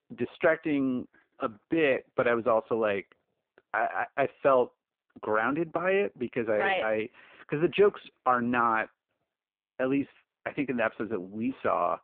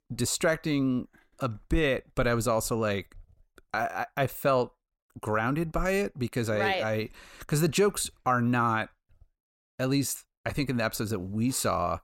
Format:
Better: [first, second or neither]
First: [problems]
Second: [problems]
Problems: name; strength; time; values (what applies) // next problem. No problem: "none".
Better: second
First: phone-call audio; poor line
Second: none